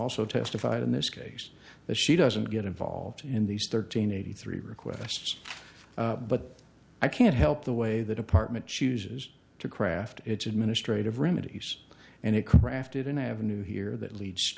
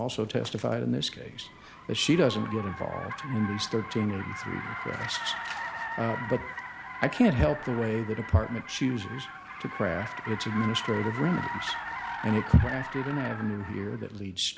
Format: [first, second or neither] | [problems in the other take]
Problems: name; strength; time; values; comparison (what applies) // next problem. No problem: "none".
first | background sound (Car); 9 dB below the speech